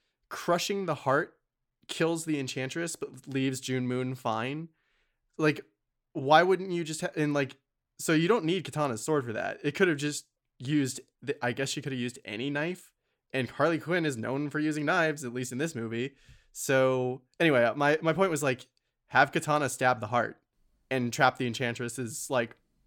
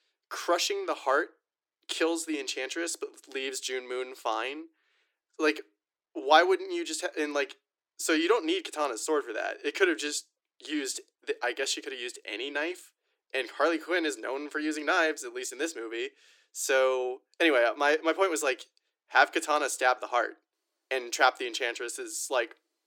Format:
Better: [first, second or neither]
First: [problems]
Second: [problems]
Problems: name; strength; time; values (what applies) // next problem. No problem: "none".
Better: first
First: none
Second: thin; somewhat; fading below 300 Hz